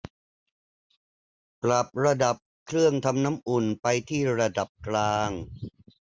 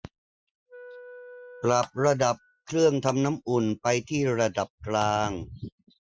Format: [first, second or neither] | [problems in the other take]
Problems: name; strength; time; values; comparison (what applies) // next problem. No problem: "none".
first | noise reduction (classical method Wiener filter)